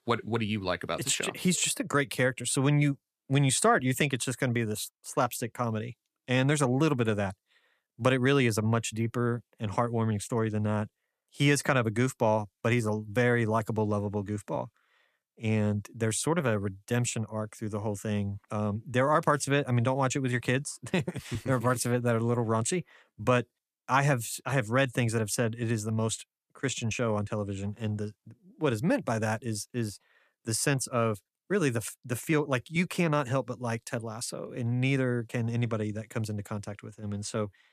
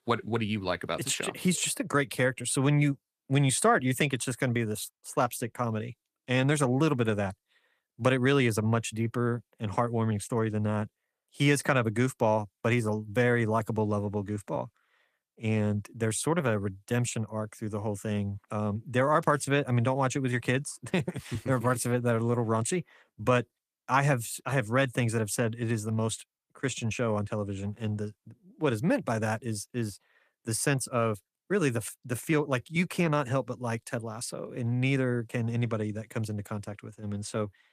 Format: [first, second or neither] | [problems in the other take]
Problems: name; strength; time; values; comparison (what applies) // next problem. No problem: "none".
first | garbled, watery; slightly; nothing above 14.5 kHz